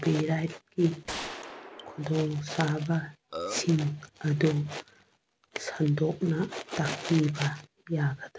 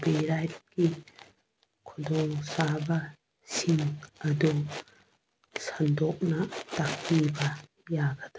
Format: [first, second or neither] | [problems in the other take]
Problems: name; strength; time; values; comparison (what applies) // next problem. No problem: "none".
second | background sound (Gunshot, gunfire + Burping, eructation); 10 dB below the speech